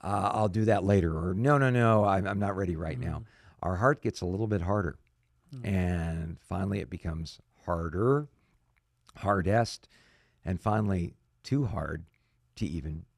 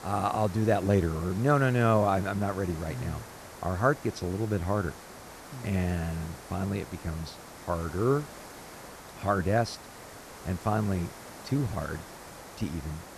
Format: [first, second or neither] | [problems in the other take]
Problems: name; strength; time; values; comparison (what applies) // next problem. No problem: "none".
first | hiss; noticeable; throughout; 15 dB below the speech